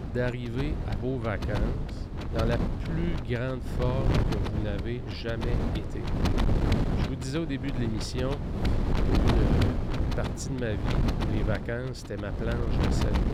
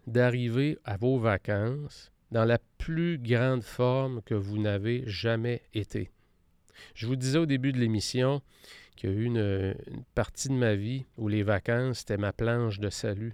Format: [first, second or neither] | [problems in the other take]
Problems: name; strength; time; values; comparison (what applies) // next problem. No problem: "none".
second | wind noise on the microphone; heavy; as loud as the speech